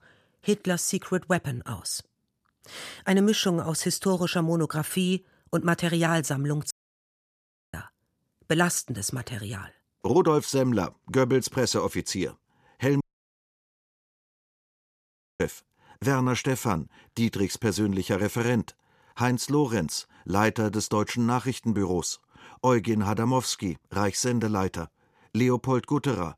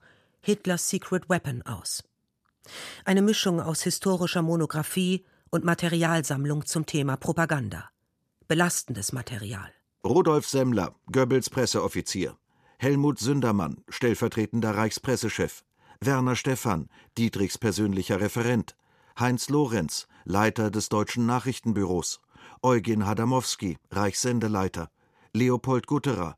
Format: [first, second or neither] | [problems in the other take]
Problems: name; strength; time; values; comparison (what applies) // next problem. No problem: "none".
second | audio cutting out; at 6.5 s for 1 s and at 13 s for 2.5 s